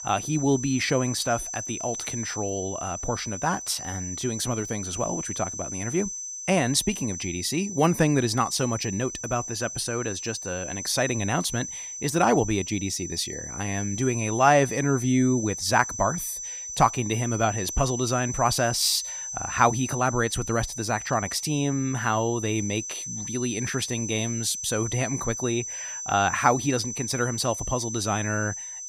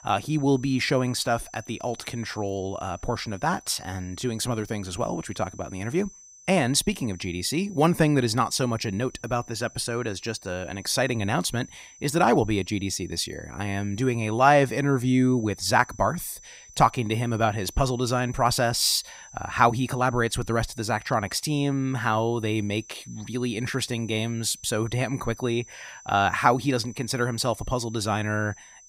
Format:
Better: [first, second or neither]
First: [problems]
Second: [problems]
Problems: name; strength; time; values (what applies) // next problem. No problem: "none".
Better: second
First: high-pitched whine; loud; throughout; 6 kHz, 6 dB below the speech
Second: high-pitched whine; faint; throughout; 6 kHz, 20 dB below the speech